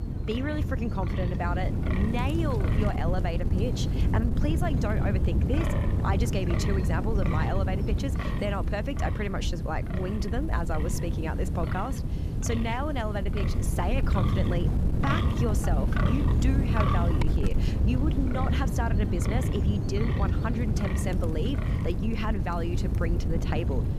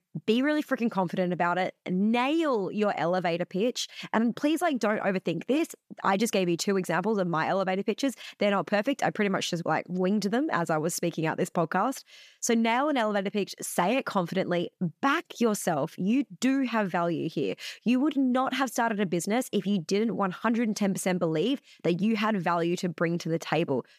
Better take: second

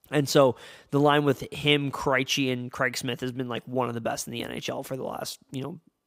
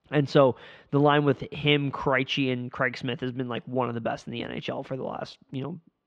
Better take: first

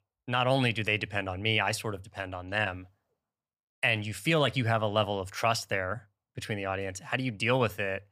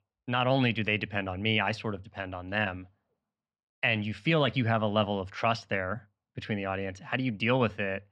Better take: first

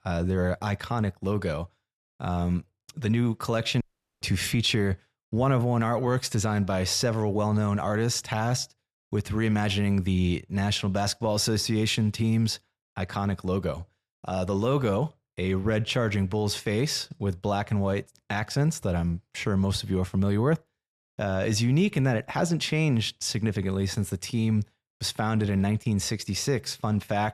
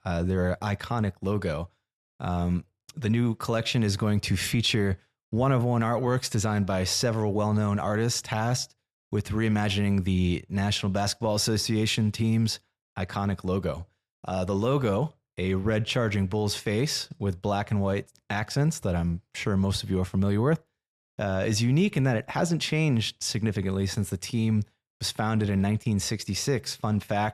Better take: second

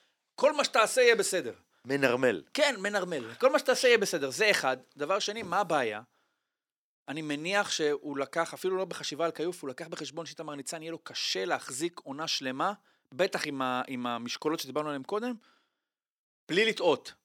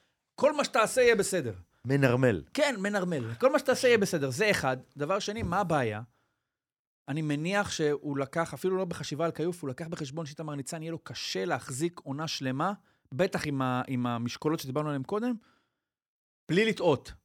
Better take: second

